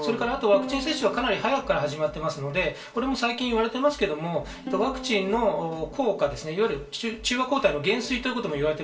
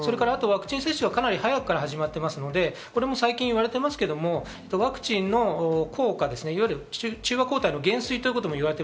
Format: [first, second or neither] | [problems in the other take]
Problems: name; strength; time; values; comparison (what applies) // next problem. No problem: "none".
second | background sound (Plucked string instrument); 15 dB below the speech // room echo; dies away in 0.2 s